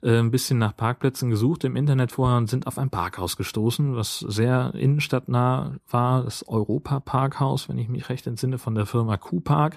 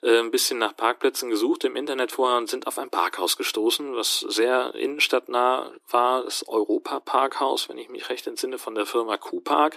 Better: first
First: none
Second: thin; very; fading below 300 Hz

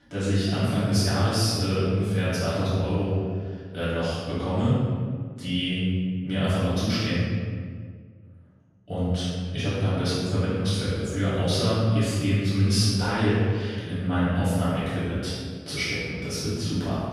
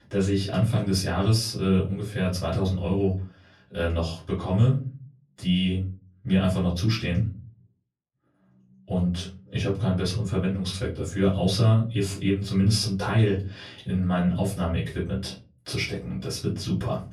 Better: second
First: room echo; strong; dies away in 1.6 s // off-mic speech; far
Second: room echo; slight; dies away in 0.3 s // off-mic speech; far

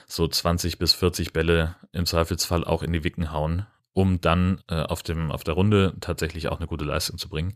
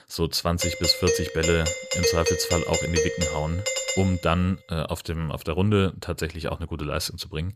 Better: first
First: none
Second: doorbell; loud; from 0.5 to 4 s; peak 2 dB above the speech

